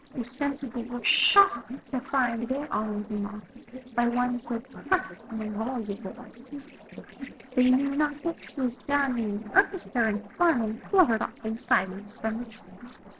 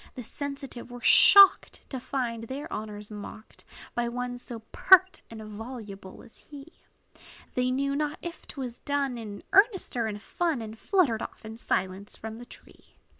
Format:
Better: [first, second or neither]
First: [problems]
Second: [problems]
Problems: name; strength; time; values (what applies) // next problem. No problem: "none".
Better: second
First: noise reduction (neural separator model SepFormer DNS4)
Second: none